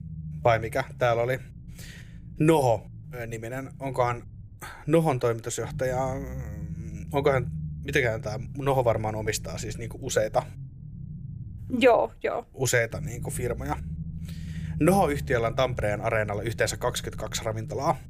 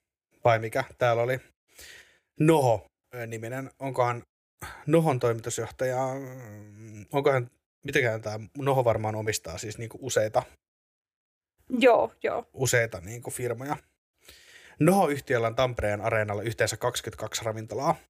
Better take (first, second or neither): second